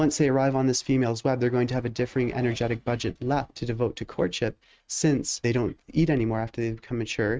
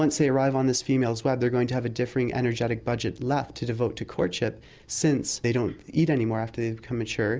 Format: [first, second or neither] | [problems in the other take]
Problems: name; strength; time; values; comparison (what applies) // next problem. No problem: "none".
second | noise reduction (neural mask model RNNoise)